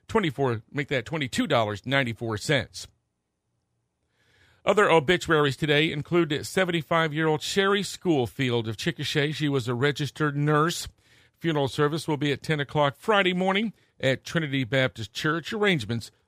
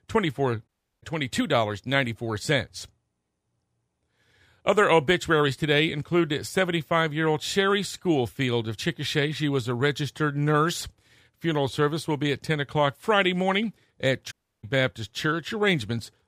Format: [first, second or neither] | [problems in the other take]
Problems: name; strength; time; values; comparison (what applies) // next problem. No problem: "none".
first | audio cutting out; at 0.5 s and at 14 s